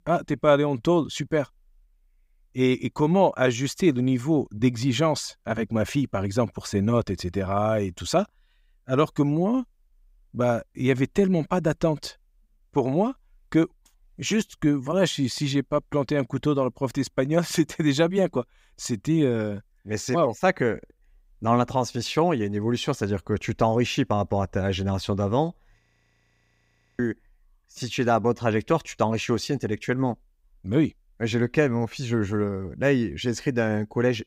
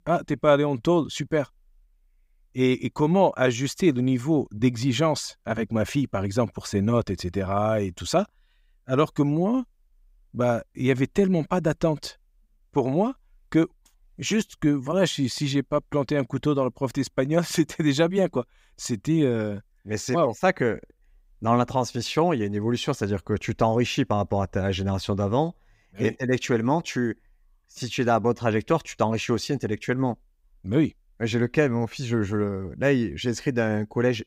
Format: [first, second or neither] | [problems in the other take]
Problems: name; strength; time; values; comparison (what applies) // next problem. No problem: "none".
second | audio freezing; at 26 s for 1 s